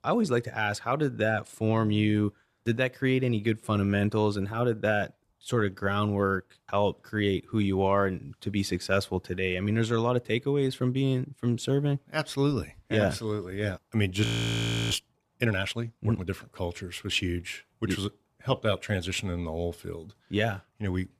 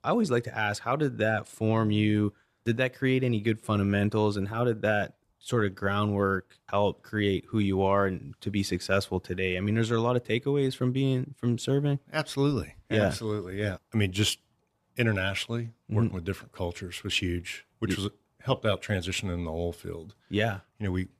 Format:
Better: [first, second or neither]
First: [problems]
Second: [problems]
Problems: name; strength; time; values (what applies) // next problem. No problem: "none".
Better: second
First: audio freezing; at 14 s for 0.5 s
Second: none